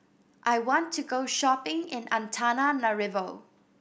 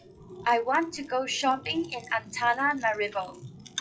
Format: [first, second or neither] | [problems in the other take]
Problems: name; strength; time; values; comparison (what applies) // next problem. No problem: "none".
first | noise reduction (classical method WPE with log-MMSE)